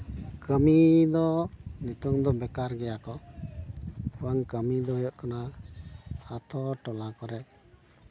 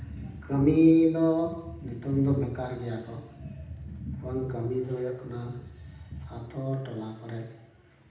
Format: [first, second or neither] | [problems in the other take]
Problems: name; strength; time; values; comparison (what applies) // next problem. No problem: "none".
first | room echo; dies away in 0.9 s